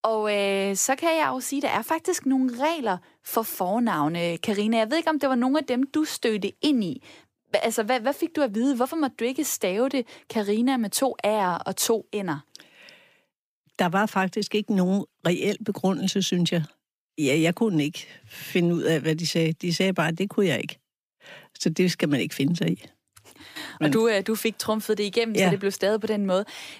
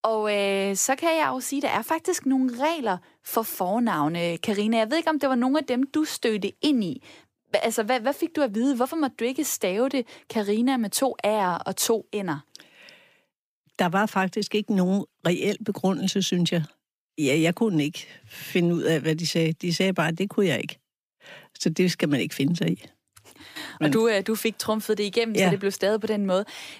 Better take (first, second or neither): neither